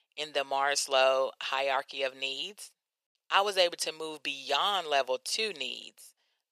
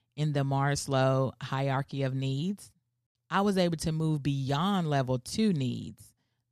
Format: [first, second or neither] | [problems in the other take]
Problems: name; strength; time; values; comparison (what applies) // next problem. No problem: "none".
second | thin; very; fading below 500 Hz